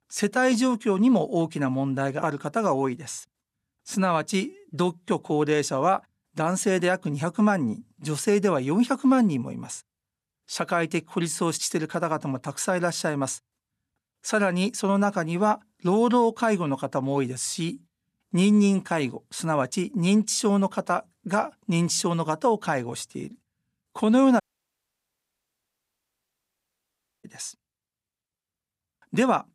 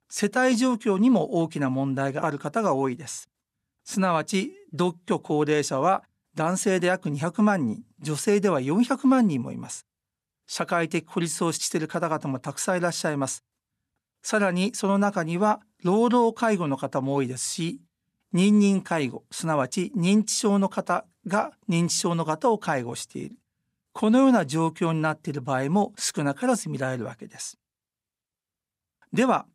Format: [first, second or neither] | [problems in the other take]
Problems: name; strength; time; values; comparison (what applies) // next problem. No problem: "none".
second | audio cutting out; at 24 s for 3 s